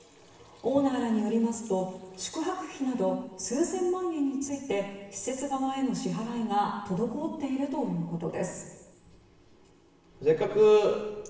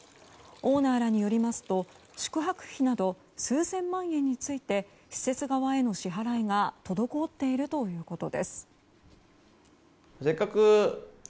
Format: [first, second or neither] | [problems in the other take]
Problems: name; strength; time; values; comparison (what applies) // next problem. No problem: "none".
second | room echo; dies away in 1.1 s